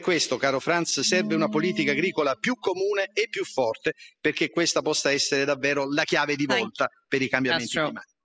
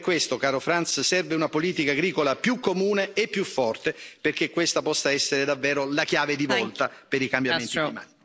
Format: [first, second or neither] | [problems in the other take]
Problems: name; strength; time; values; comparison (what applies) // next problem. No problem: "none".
second | noise reduction (classical method spectral subtraction)